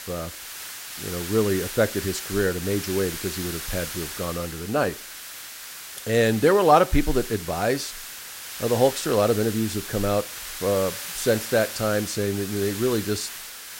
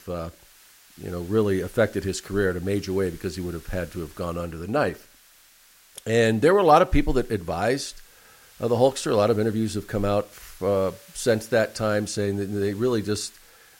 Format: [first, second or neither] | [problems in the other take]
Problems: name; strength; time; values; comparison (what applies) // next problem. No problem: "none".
second | hiss; loud; throughout; 9 dB below the speech; faint in the second